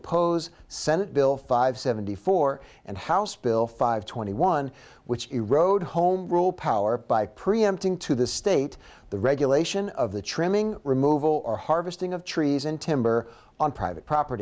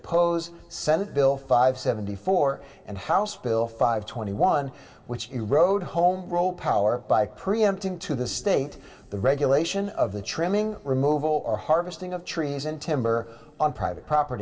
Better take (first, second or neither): first